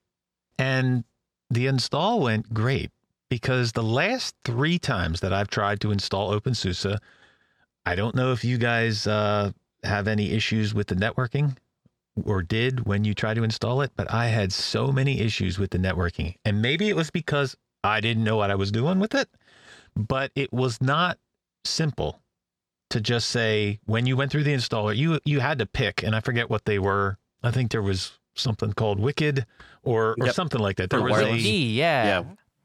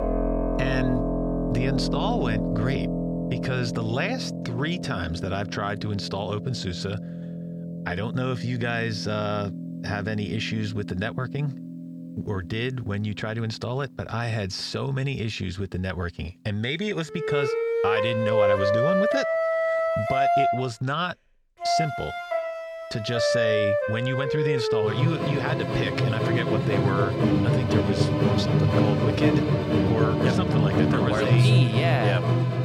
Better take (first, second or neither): first